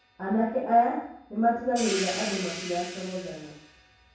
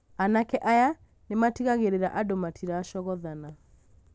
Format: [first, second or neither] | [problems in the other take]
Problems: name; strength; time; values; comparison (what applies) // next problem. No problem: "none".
second | background sound (Hi-hat); 11 dB below the speech // room echo; dies away in 0.7 s